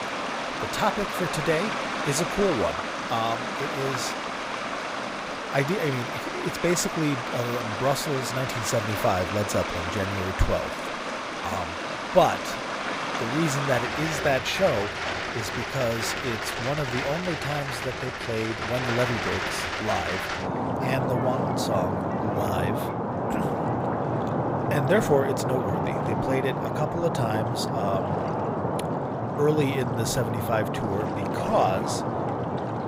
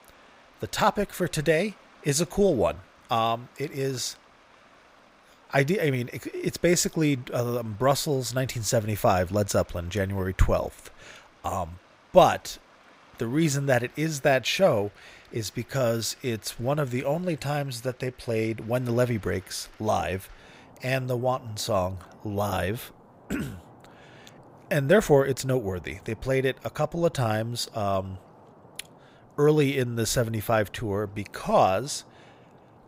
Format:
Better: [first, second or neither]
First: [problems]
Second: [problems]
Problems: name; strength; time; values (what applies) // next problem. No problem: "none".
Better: second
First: rain or running water; loud; throughout; 1 dB below the speech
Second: rain or running water; faint; throughout; 25 dB below the speech